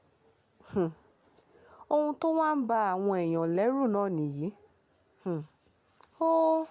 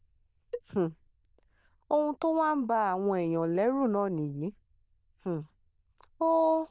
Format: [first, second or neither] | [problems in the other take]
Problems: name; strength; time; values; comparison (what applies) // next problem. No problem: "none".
first | noise reduction (neural diffusion model UNIVERSE++)